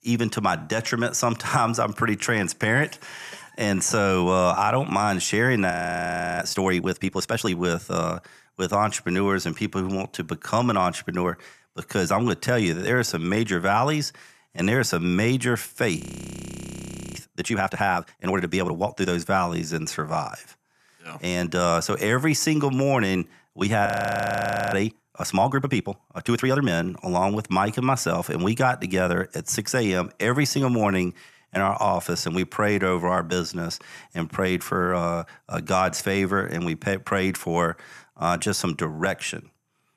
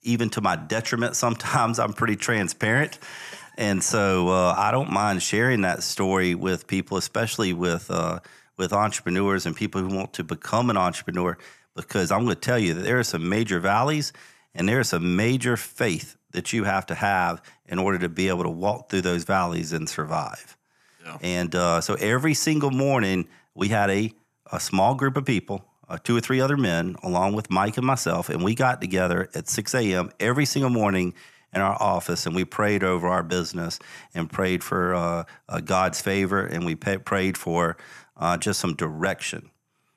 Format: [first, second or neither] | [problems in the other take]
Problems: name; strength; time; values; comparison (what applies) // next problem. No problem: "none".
second | audio freezing; at 5.5 s for 0.5 s, at 16 s for 1 s and at 24 s for 1 s